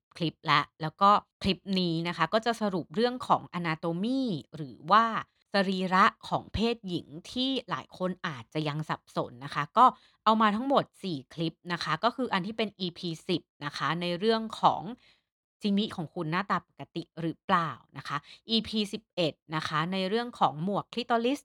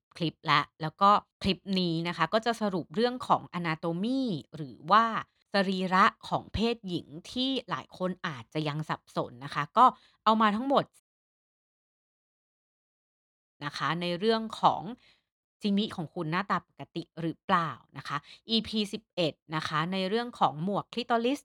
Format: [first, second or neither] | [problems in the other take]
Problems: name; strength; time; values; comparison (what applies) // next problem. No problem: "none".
first | audio cutting out; at 11 s for 2.5 s